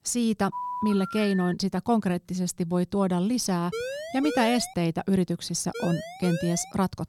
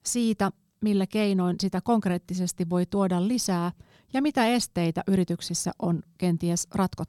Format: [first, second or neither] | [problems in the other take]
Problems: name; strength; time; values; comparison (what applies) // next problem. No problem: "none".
second | phone ringing; noticeable; from 0.5 to 1.5 s; peak 6 dB below the speech // siren; noticeable; from 3.5 to 4.5 s and at 5.5 s; peak 6 dB below the speech